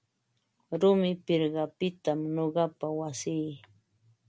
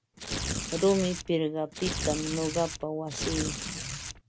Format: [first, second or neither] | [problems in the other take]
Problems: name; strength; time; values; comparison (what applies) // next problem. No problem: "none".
first | background sound (Tearing); 4 dB below the speech